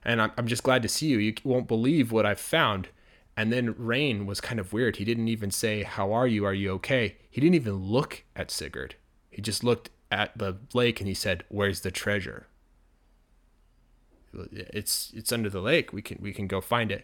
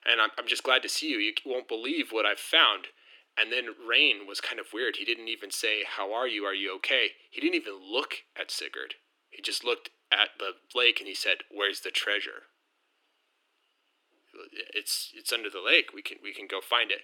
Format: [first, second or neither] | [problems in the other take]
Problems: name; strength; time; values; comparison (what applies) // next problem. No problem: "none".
first | thin; very; fading below 300 Hz